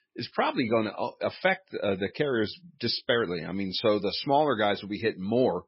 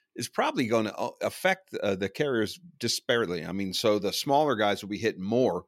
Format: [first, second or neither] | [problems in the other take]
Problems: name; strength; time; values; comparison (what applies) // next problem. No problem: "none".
second | garbled, watery; badly; nothing above 5.5 kHz